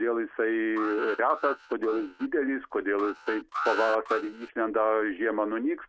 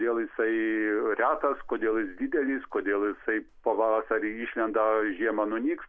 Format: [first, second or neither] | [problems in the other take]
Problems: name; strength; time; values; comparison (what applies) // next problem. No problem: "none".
second | noise reduction (neural mask model RNNoise)